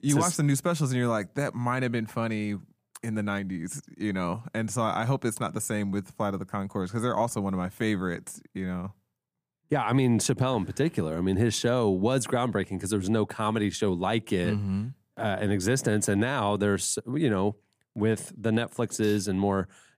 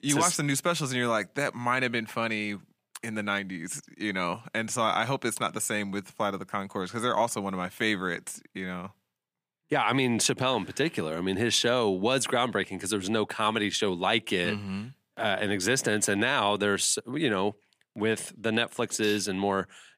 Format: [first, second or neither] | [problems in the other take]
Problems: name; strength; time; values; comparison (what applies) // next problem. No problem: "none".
first | thin; very slightly; fading below 650 Hz